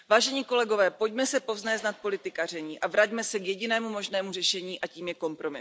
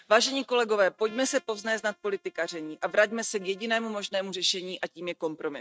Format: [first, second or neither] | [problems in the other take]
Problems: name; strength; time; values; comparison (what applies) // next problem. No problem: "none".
first | noise reduction (neural mask model RNNoise)